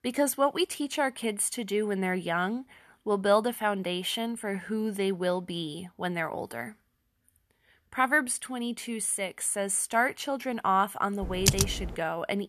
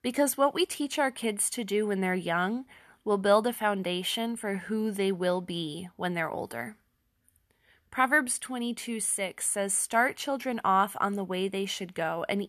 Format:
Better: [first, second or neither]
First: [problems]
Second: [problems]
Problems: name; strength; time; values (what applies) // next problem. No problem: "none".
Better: second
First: keyboard typing; loud; at 11 s; peak 4 dB above the speech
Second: none